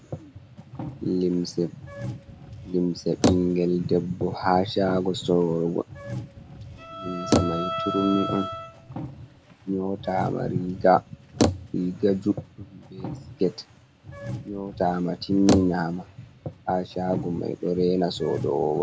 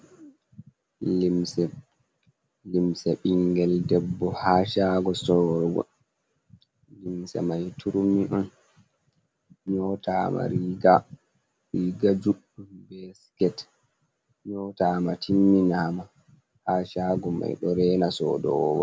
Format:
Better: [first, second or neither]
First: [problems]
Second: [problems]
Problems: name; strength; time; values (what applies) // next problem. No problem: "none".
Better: second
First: background sound (Bicycle + Bowed string instrument); 6 dB below the speech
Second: none